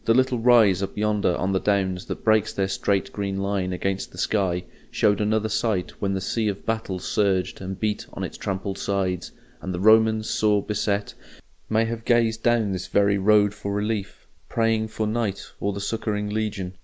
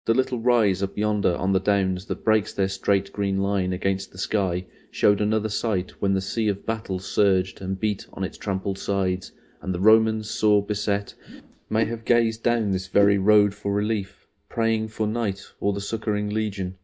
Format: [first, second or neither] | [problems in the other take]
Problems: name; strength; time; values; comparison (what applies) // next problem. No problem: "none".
first | noise reduction (neural mask model DeepFilterNet 3)